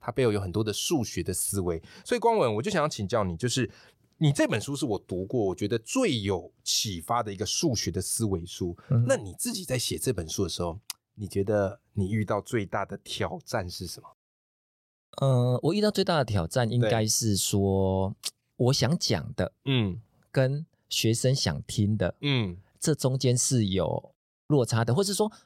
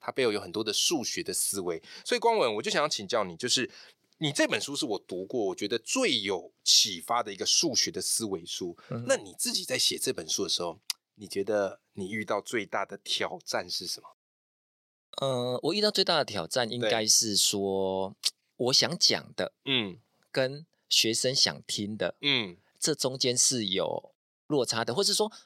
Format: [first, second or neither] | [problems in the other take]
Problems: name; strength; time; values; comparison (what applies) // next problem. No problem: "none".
first | thin; somewhat; fading below 250 Hz